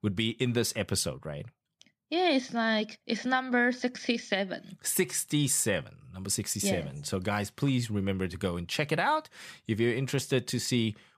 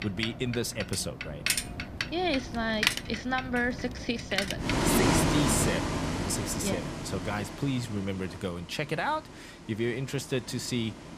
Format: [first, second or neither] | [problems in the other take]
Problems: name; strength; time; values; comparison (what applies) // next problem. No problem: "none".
first | traffic noise; very loud; throughout; 1 dB above the speech